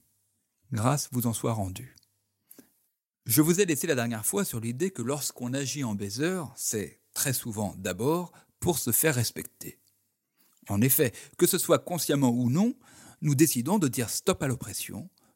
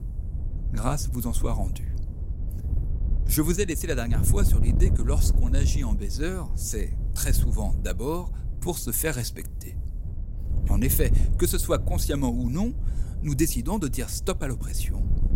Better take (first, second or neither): first